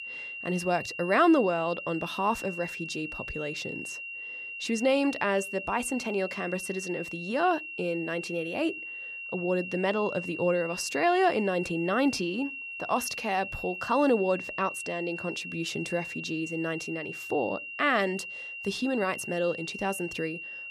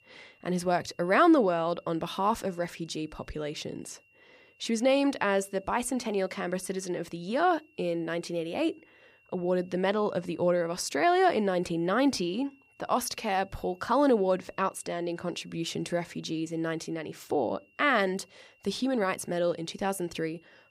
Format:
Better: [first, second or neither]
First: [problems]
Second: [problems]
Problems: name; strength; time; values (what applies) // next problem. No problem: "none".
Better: second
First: high-pitched whine; loud; throughout; 3 kHz, 7 dB below the speech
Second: high-pitched whine; faint; throughout; 3 kHz, 35 dB below the speech